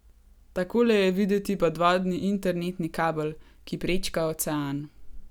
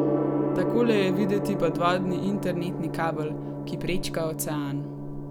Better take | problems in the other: first | background sound (Gong); 1 dB below the speech

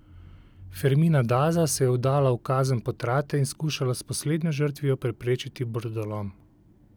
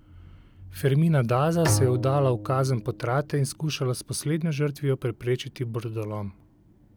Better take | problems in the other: first | background sound (Bowed string instrument); 8 dB below the speech

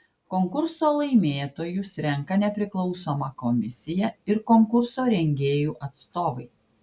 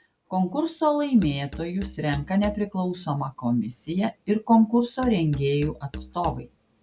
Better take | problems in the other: first | background sound (Musical instrument); 15 dB below the speech

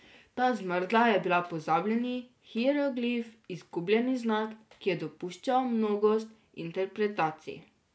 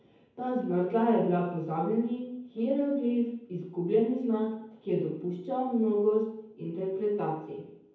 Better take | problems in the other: first | room echo; dies away in 0.9 s

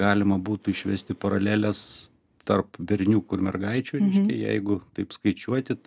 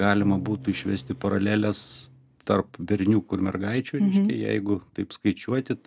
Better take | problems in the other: first | background sound (Bowed string instrument); 17 dB below the speech

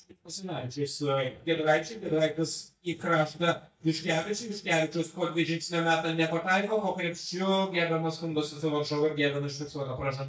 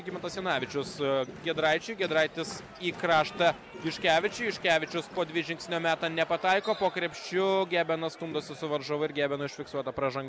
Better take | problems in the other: second | noise reduction (neural mask model DeepFilterNet 3)

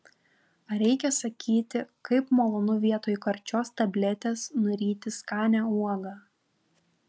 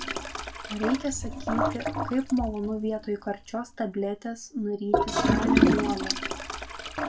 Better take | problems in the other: first | background sound (Toilet flush / Gurgling); 3 dB above the speech // room echo; dies away in 0.1 s

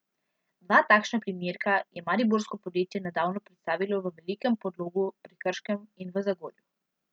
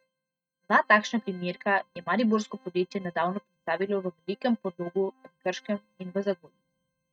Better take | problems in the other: first | noise reduction (neural mask model RNNoise)

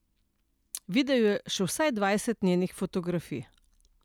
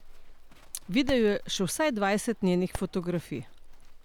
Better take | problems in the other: first | background sound (Livestock, farm animals, working animals + Fireworks); 13 dB below the speech

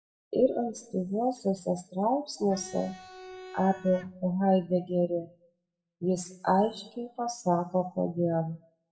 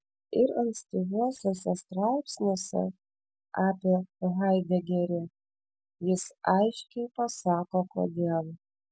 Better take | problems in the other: second | noise reduction (classical method WPE with log-MMSE)

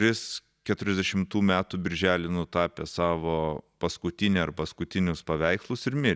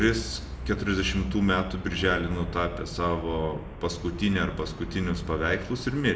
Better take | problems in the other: first | background sound (Traffic noise, roadway noise); 9 dB below the speech // room echo; dies away in 0.7 s

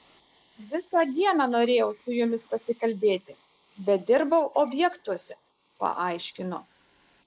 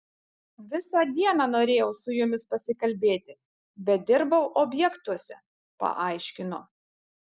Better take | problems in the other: second | noise reduction (neural mask model Resemble Enhance denoiser)

